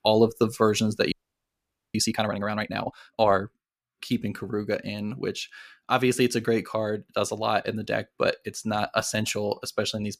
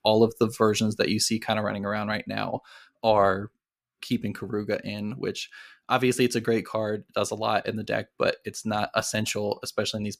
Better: second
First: audio freezing; at 1 s for 1 s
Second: none

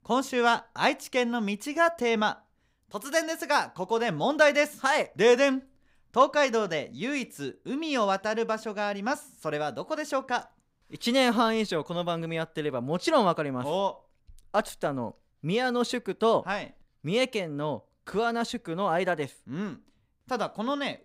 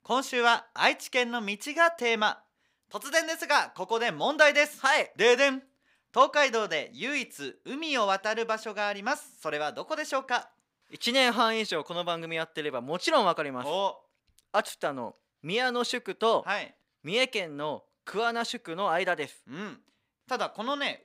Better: first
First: none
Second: thin; very slightly; fading below 850 Hz

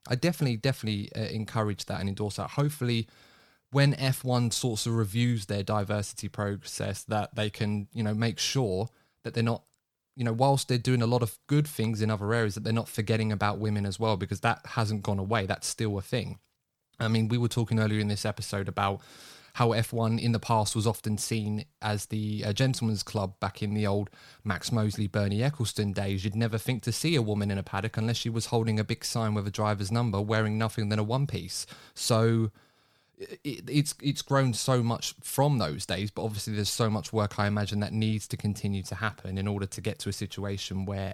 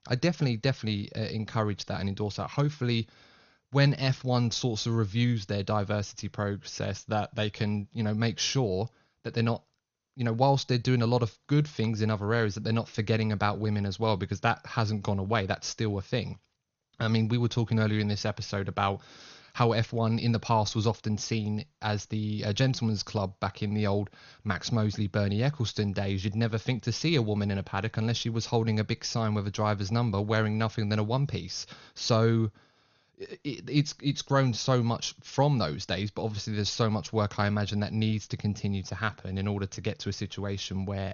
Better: first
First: none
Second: garbled, watery; slightly; nothing above 6.5 kHz

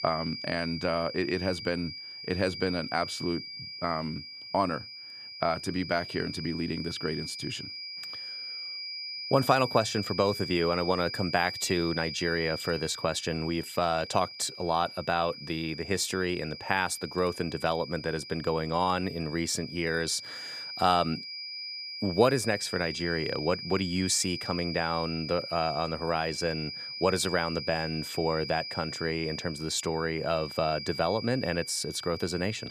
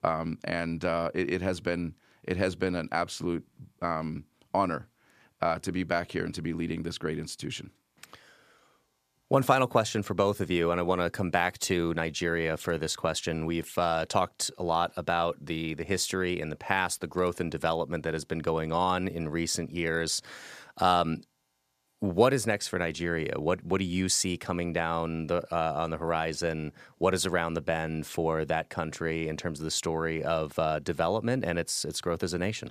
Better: second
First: high-pitched whine; loud; throughout; 5 kHz, 8 dB below the speech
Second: none

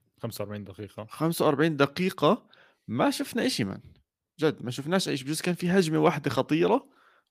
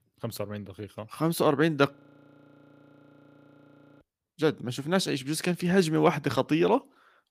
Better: first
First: none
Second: audio freezing; at 2 s for 2 s

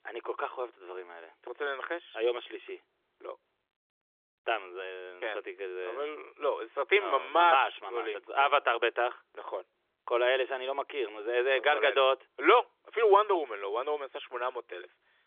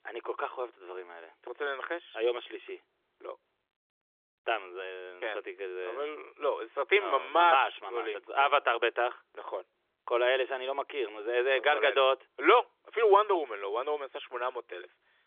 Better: neither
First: phone-call audio; nothing above 3.5 kHz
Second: phone-call audio; nothing above 3.5 kHz

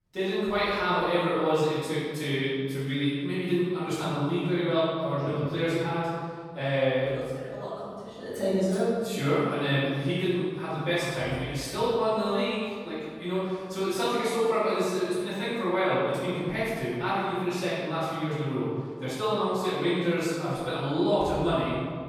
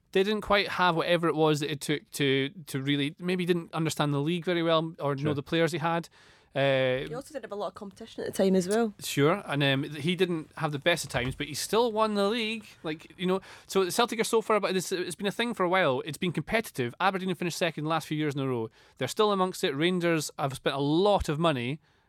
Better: second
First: room echo; strong; dies away in 1.7 s // off-mic speech; far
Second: none

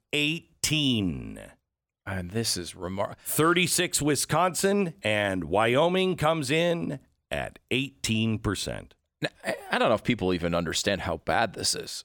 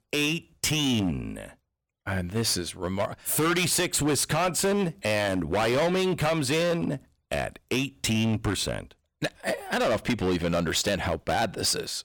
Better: first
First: none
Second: distortion; heavy; 14% of the sound clipped

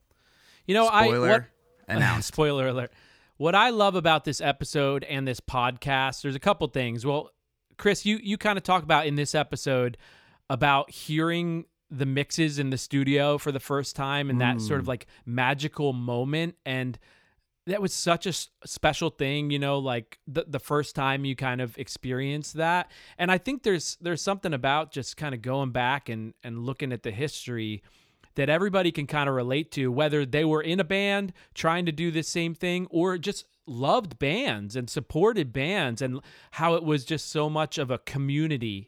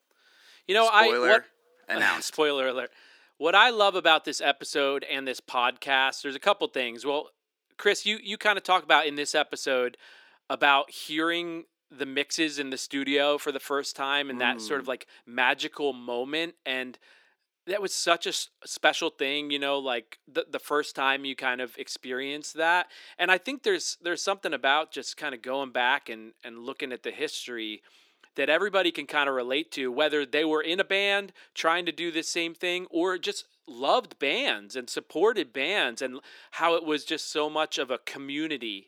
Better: first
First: none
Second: thin; somewhat; fading below 300 Hz

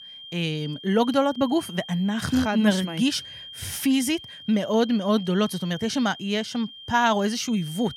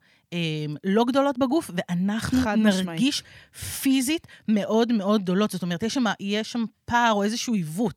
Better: second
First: high-pitched whine; noticeable; throughout; 3 kHz, 15 dB below the speech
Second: none

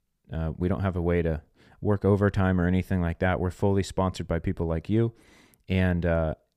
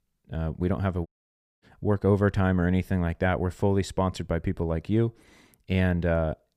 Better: first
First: none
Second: audio cutting out; at 1 s for 0.5 s

